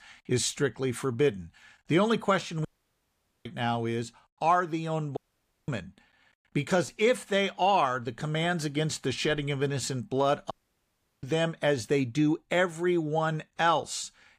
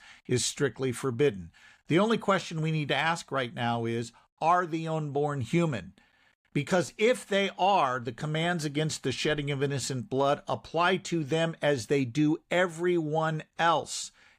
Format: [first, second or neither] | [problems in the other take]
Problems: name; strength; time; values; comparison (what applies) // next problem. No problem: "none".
second | audio cutting out; at 2.5 s for 1 s, at 5 s for 0.5 s and at 11 s for 0.5 s